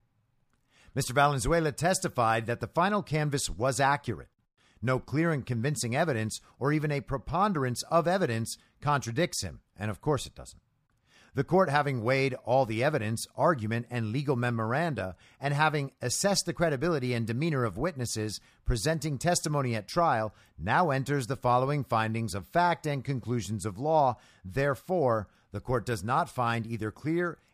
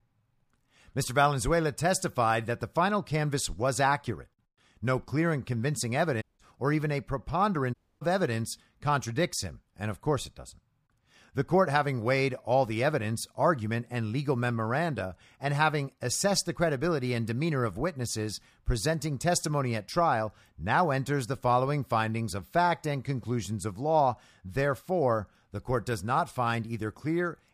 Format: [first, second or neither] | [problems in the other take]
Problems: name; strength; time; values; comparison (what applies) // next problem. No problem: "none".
first | audio cutting out; at 6 s and at 7.5 s